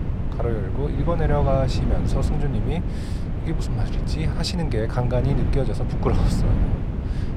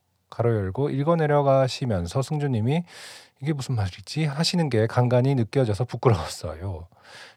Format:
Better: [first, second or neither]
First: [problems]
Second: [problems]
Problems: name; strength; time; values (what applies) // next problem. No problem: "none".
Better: second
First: wind noise on the microphone; heavy; 6 dB below the speech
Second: none